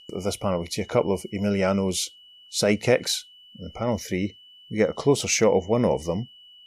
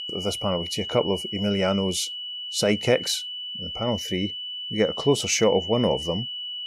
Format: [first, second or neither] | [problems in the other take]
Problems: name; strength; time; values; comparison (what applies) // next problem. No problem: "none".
first | high-pitched whine; loud; throughout; 3 kHz, 6 dB below the speech; faint in the first